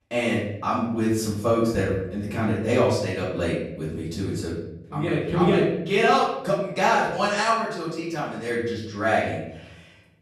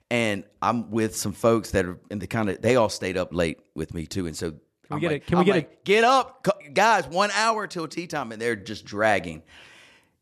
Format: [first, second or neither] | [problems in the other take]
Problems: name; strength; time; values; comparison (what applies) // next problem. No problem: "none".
second | off-mic speech; far // room echo; noticeable; dies away in 0.8 s